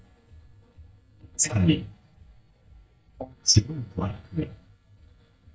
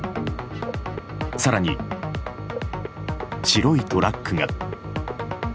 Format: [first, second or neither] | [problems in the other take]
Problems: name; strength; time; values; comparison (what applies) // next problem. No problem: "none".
second | noise reduction (neural mask model DeepFilterNet 3)